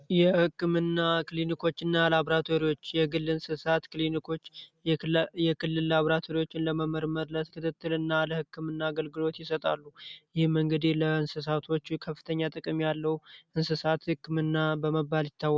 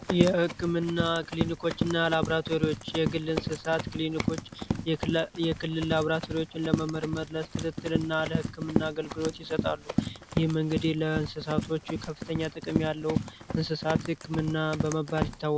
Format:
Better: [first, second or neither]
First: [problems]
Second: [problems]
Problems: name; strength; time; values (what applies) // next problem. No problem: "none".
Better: first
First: none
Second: background sound (Run); 4 dB below the speech